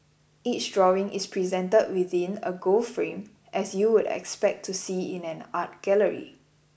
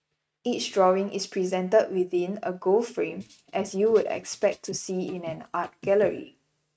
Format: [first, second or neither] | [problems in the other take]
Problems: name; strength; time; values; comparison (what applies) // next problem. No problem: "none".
first | noise reduction (neural mask model RNNoise)